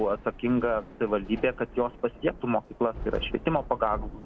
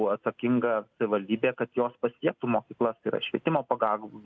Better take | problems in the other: second | background sound (Thunder / Rain); 13 dB below the speech

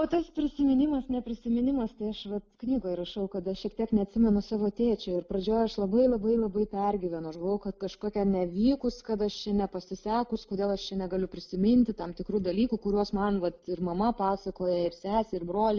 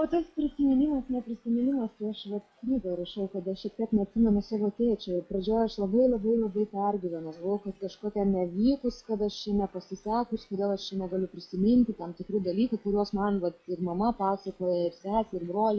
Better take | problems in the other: first | noise reduction (classical method log-MMSE)

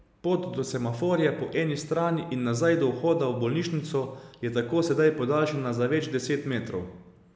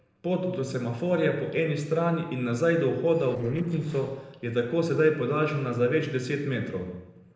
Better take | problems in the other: first | noise reduction (neural separator model SepFormer DNS4)

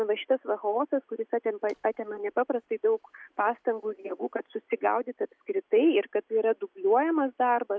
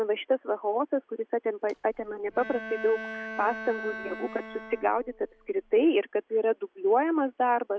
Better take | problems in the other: first | background sound (Bowed string instrument); 12 dB below the speech

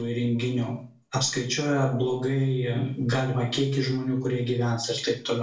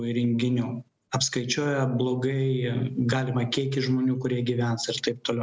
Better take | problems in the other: second | room echo; dies away in 0.3 s

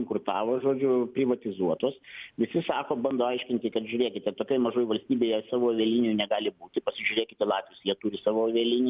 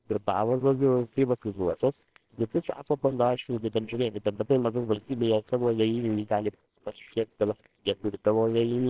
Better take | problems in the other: first | noise reduction (neural separator model SepFormer WHAMR!)

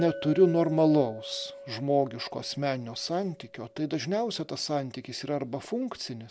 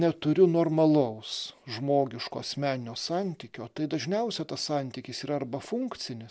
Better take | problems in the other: second | background sound (Chink, clink); 16 dB below the speech

